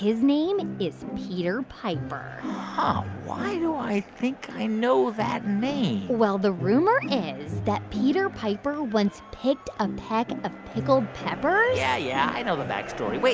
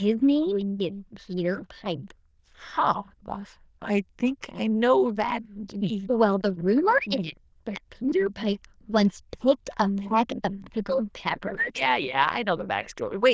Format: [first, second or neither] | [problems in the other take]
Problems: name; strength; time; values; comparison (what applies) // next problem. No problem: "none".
first | noise reduction (neural diffusion model UNIVERSE++)